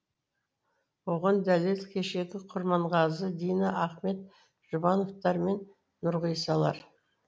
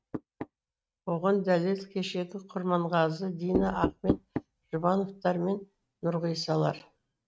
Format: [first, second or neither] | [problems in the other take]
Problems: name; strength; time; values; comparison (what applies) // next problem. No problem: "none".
first | noise reduction (neural mask model RNNoise)